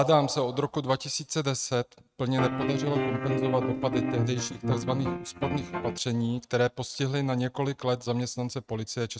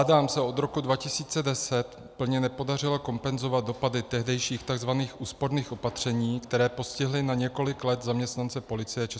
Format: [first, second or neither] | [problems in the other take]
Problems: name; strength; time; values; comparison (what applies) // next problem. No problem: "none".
second | noise reduction (neural mask model RNNoise)